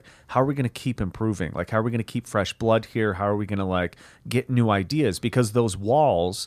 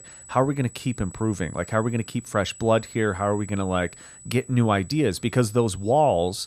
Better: first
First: none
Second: high-pitched whine; noticeable; throughout; 8 kHz, 20 dB below the speech

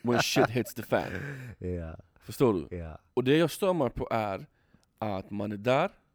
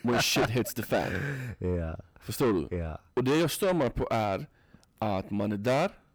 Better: first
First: none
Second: distortion; heavy; 7 dB below the speech

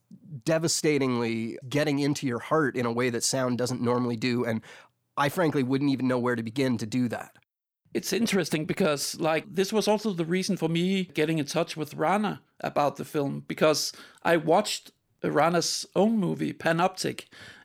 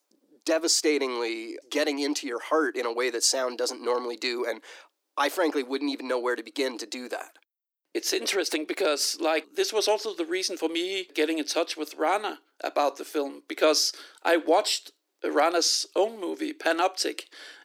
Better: first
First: none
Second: thin; somewhat; fading below 300 Hz

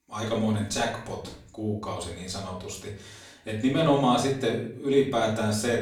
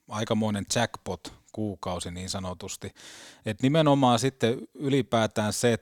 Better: second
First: off-mic speech; far // room echo; slight; dies away in 0.5 s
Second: none

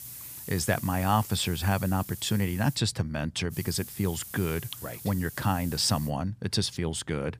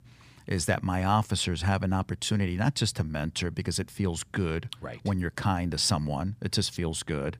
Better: second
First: hiss; noticeable; until 3 s and from 3.5 to 6 s; 10 dB below the speech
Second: none

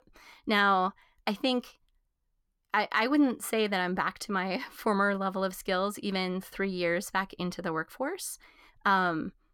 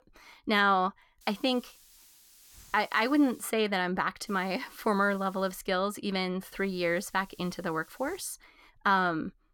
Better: first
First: none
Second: hiss; faint; from 1 to 3.5 s, from 4.5 to 5.5 s and from 6.5 to 8 s; 25 dB below the speech

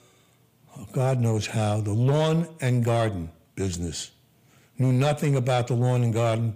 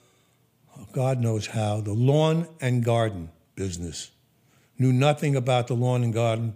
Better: second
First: distortion; slight; 10 dB below the speech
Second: none

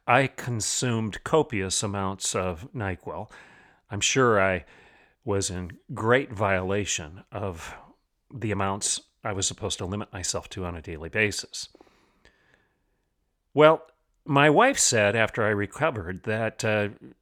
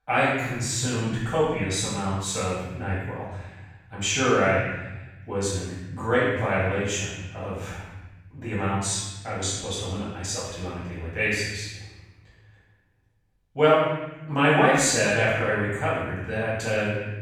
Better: first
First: none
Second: off-mic speech; far // room echo; strong; dies away in 1.2 s

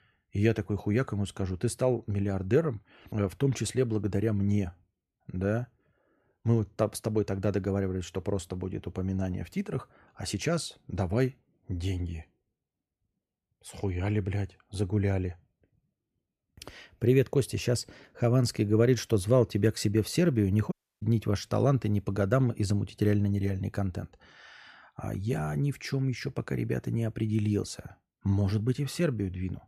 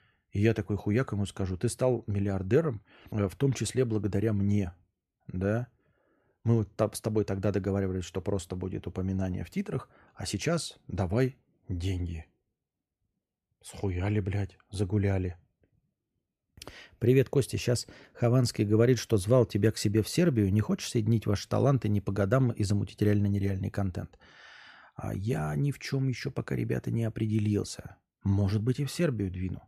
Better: second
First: audio cutting out; at 21 s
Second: none

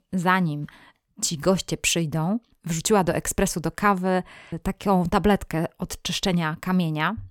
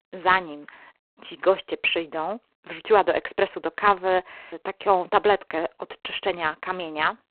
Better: first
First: none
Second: phone-call audio; poor line

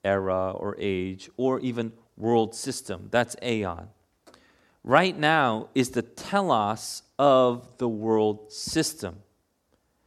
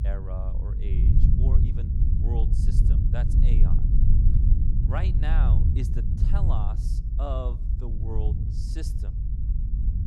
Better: first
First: none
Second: low rumble; loud; throughout; 1 dB below the speech

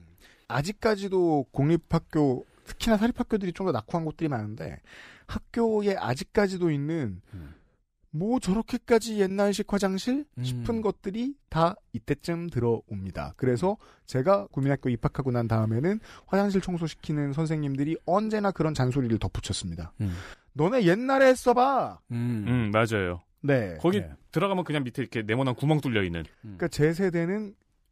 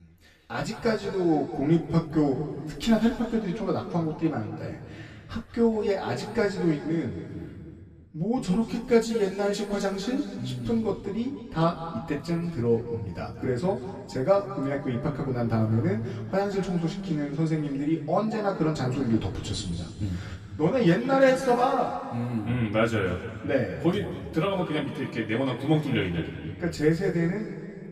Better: first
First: none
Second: room echo; noticeable; dies away in 2.1 s // off-mic speech; far

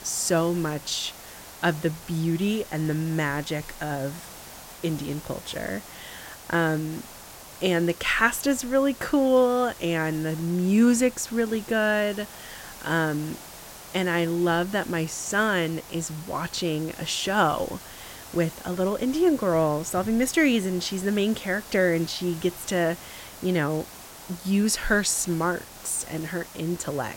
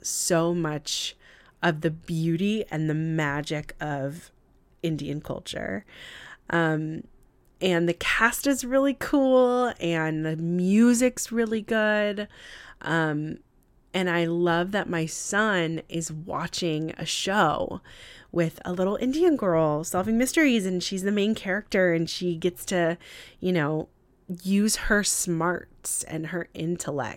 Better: second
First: hiss; noticeable; throughout; 15 dB below the speech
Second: none

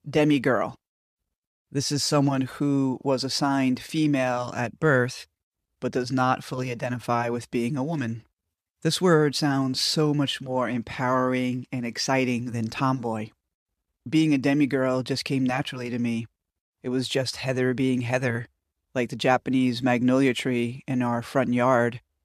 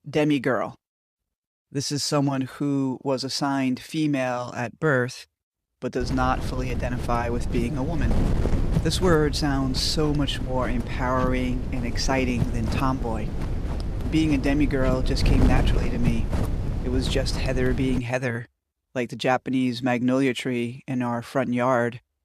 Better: first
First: none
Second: wind noise on the microphone; heavy; from 6 to 18 s; 10 dB below the speech

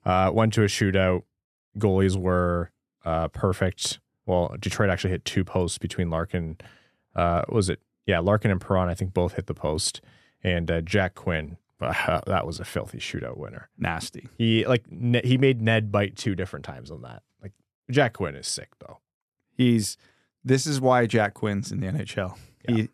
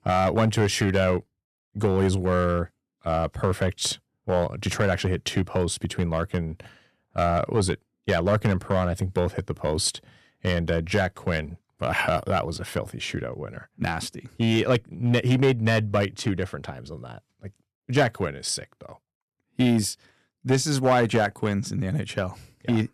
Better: first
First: none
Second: distortion; slight; 2% of the sound clipped

